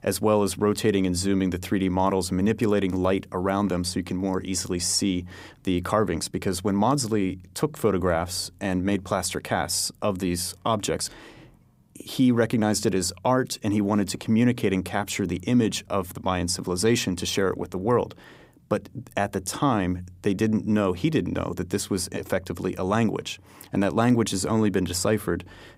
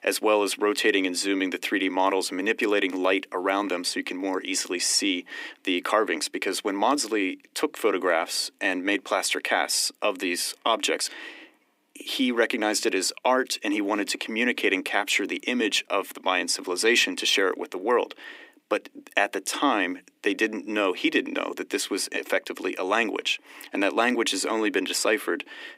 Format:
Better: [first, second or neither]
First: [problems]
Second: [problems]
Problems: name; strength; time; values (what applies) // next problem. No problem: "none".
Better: first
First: none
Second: thin; somewhat; fading below 300 Hz